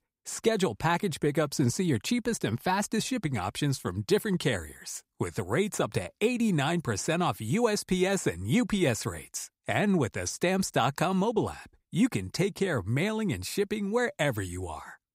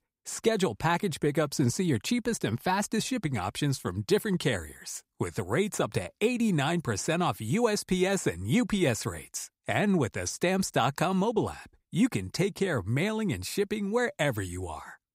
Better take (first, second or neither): neither